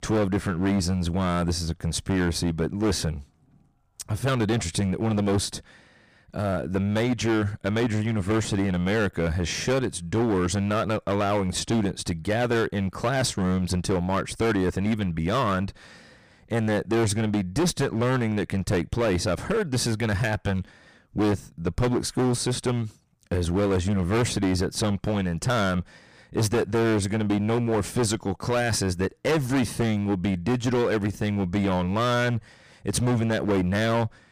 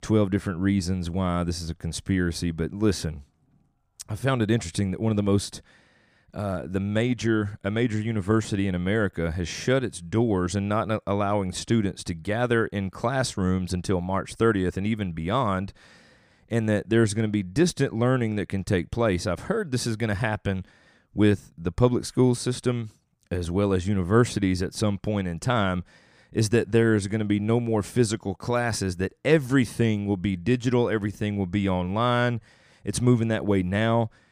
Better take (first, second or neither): second